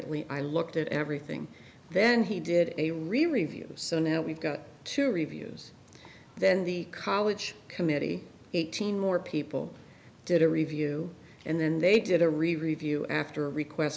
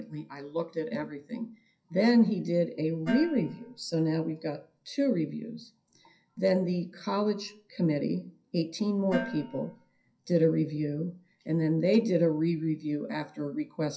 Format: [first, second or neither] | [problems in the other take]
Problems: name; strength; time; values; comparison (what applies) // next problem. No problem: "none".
first | noise reduction (classical method WPE with log-MMSE)